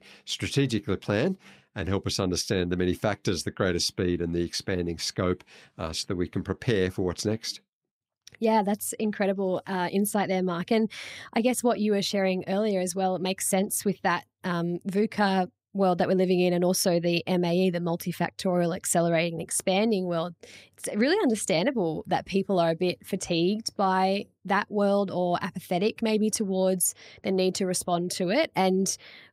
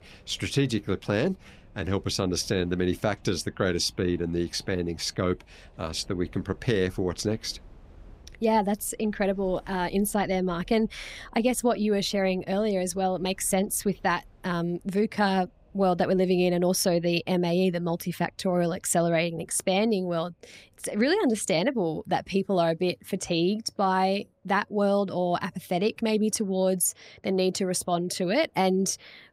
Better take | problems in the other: first | wind in the background; faint; throughout; 30 dB below the speech

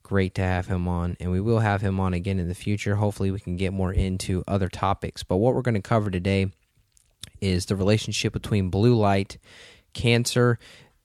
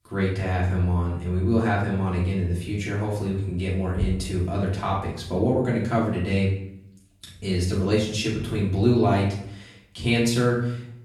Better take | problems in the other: first | off-mic speech; far // room echo; noticeable; dies away in 0.6 s

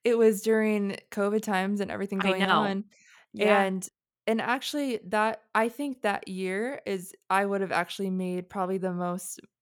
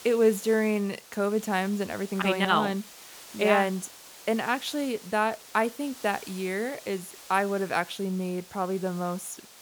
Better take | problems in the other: first | hiss; noticeable; throughout; 15 dB below the speech

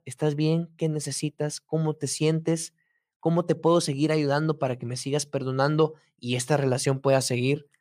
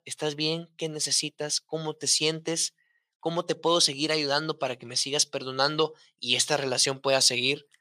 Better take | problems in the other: first | thin; somewhat; fading below 600 Hz

